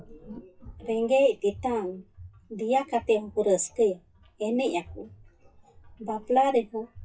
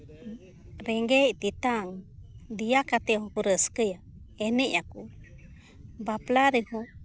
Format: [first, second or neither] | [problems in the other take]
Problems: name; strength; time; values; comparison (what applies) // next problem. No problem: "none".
second | noise reduction (classical method WPE with log-MMSE)